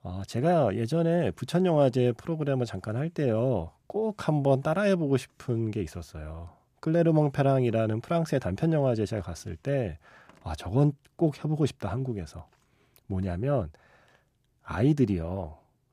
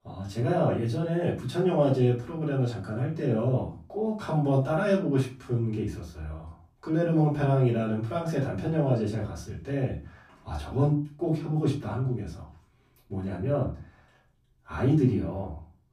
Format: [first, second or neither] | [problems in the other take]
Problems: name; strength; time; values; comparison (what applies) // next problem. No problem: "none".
first | off-mic speech; far // room echo; slight; dies away in 0.3 s